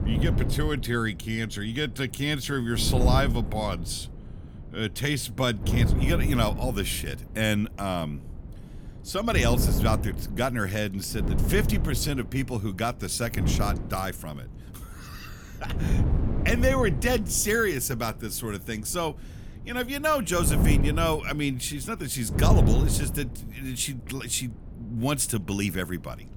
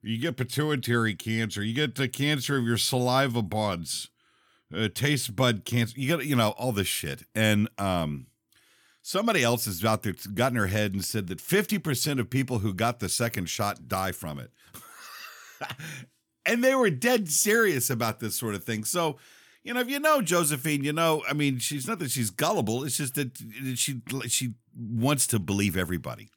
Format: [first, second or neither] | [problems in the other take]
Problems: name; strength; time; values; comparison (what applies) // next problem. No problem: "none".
second | wind noise on the microphone; heavy; 9 dB below the speech